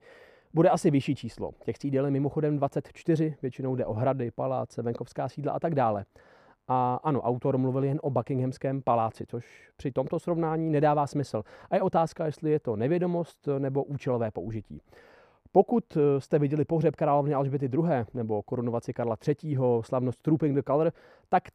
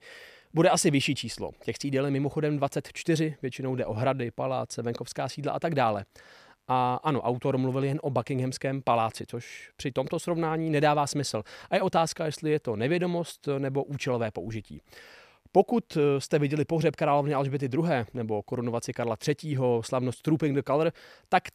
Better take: second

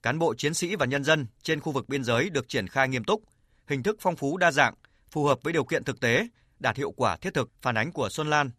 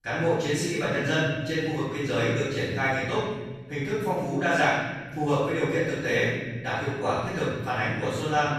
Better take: first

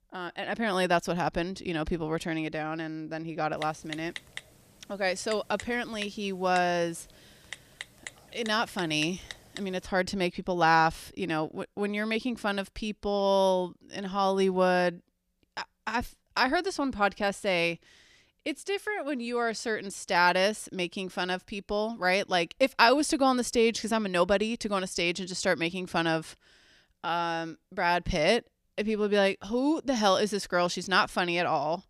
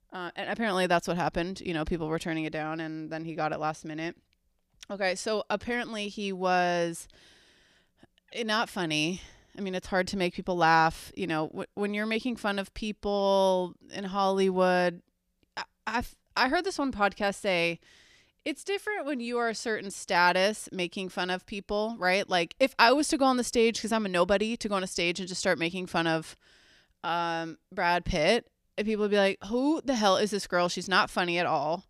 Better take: second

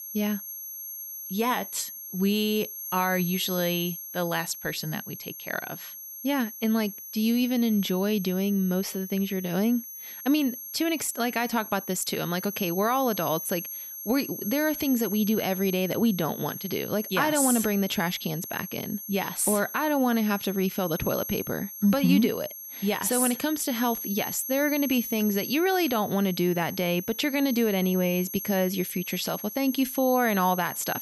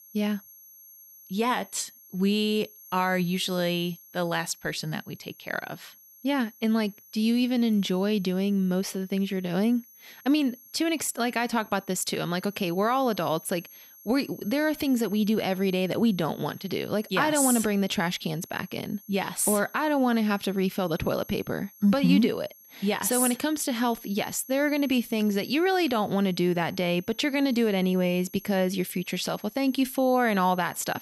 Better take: second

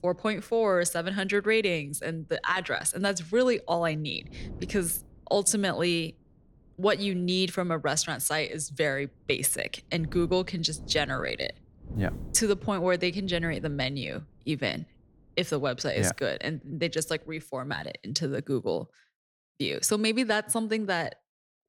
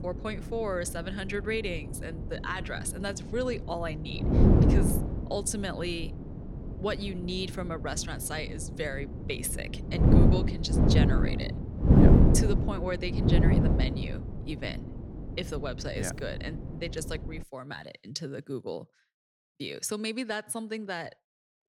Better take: first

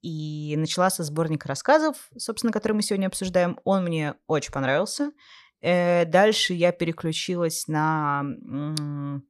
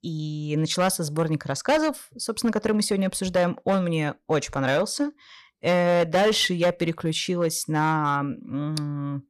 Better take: first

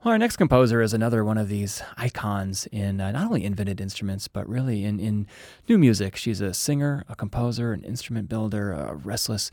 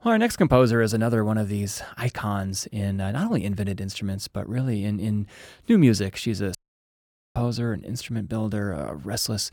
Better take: first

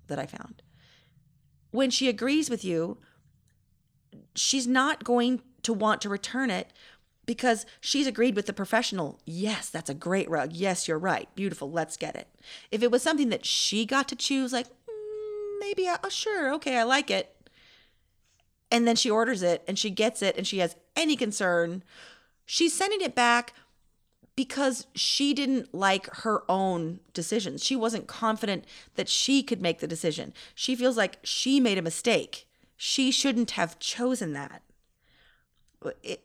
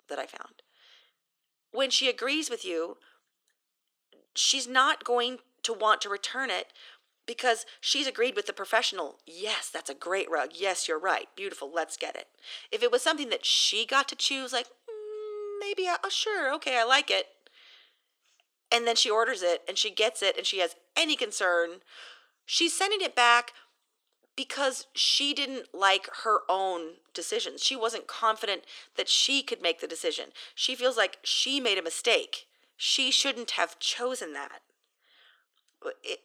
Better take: first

